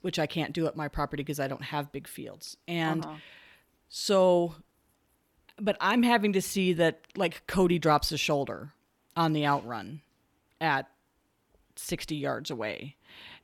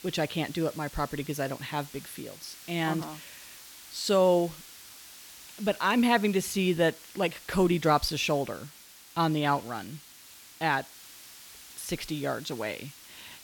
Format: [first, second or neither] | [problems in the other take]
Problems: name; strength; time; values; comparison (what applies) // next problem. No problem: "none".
first | hiss; noticeable; throughout; 20 dB below the speech